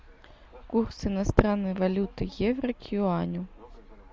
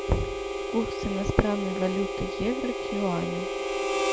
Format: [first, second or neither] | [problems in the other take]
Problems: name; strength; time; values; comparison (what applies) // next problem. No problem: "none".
first | background sound (Knock / Wood + Harmonica); as loud as the speech